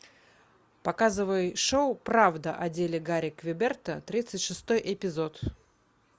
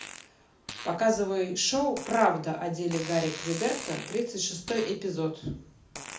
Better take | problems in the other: first | background sound (Fart); 14 dB below the speech // room echo; dies away in 0.4 s

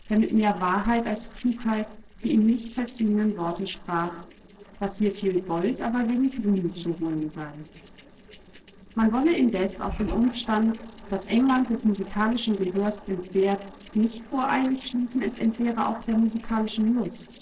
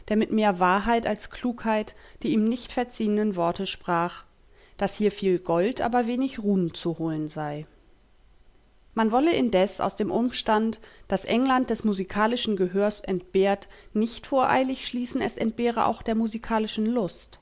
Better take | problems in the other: second | noise reduction (neural separator model SepFormer DNS4)

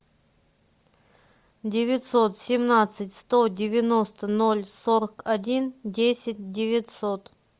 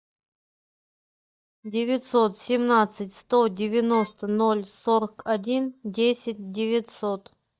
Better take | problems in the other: first | noise reduction (neural mask model DeepFilterNet 3)

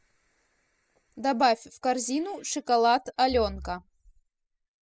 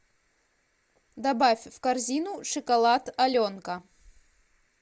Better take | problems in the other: second | noise reduction (classical method spectral subtraction)

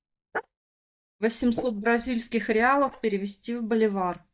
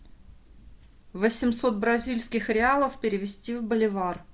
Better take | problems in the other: second | noise reduction (neural mask model DeepFilterNet 3)

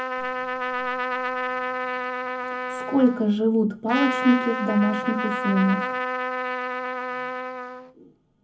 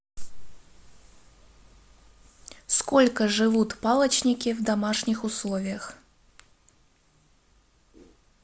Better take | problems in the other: second | background sound (Trumpet); 3 dB below the speech // room echo; dies away in 0.3 s

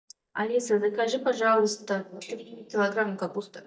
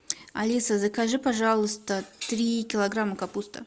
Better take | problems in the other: second | noise reduction (neural mask model DeepFilterNet 3)

